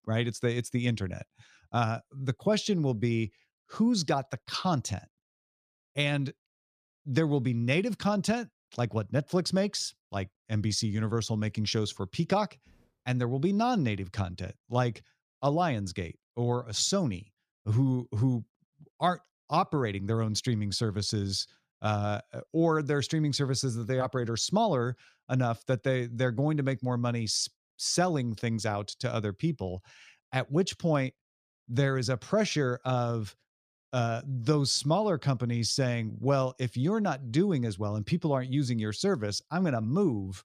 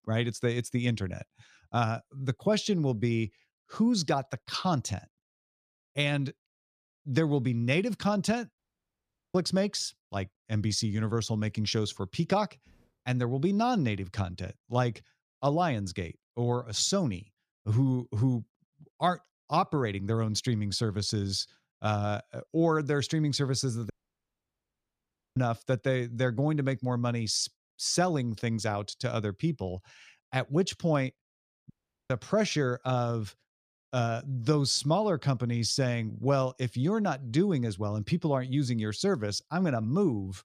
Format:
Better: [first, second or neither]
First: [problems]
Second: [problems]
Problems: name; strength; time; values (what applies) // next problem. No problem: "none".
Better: first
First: none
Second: audio cutting out; at 8.5 s for 1 s, at 24 s for 1.5 s and at 32 s